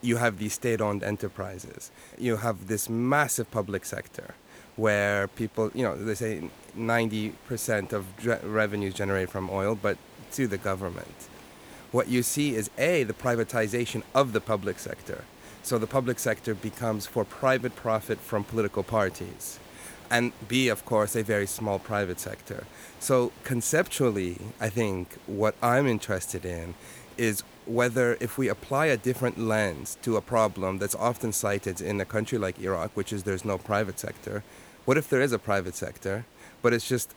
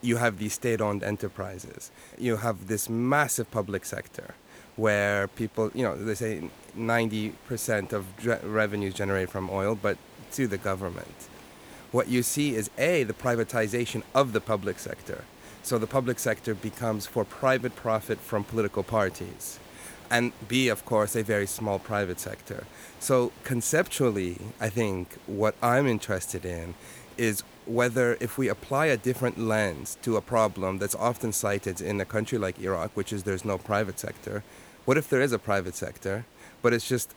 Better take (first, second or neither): neither